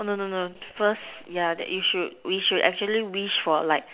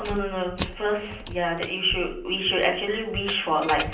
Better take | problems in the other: first | background sound (Keys jangling); 10 dB below the speech // room echo; dies away in 0.6 s

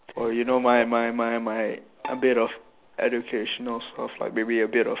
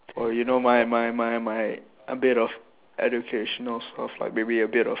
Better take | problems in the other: second | background sound (Bowed string instrument); 19 dB below the speech

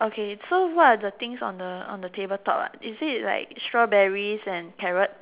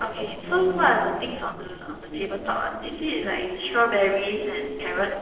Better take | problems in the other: first | noise reduction (neural separator model SepFormer DNS4)

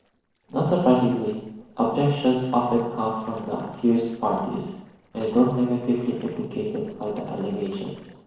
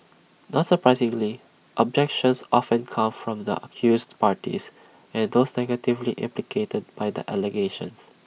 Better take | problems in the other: second | noise reduction (neural separator model SepFormer DNS4)

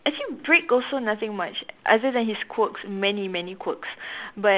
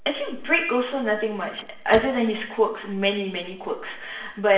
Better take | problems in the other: first | noise reduction (neural separator model SepFormer DNS4)

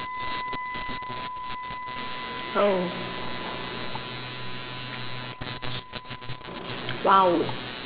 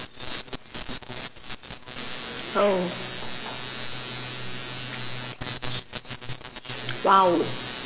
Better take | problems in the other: second | background sound (Wind instrument, woodwind instrument + Engine / Car); 8 dB below the speech

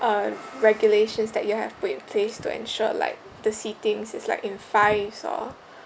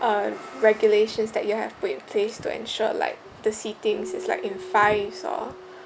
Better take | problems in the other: first | background sound (Keyboard (musical)); 17 dB below the speech

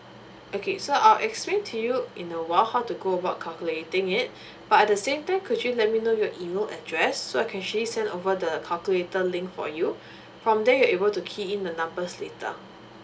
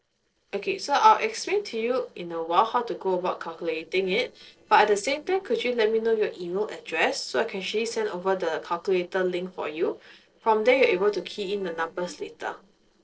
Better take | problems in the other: first | noise reduction (neural separator model SepFormer DNS4)

